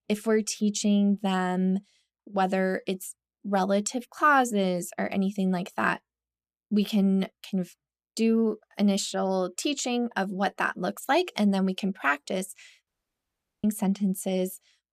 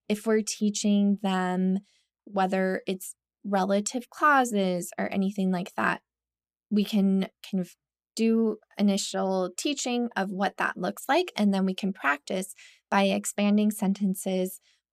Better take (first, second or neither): second